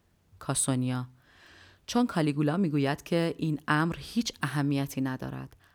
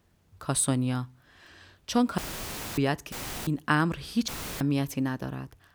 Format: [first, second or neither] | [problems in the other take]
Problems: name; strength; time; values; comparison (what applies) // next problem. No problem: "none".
first | audio cutting out; filled with static; at 2 s for 0.5 s, at 3 s and at 4.5 s